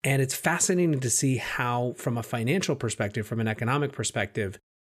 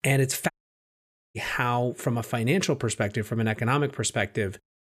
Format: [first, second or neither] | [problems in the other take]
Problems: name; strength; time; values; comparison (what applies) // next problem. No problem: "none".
first | audio cutting out; at 0.5 s for 1 s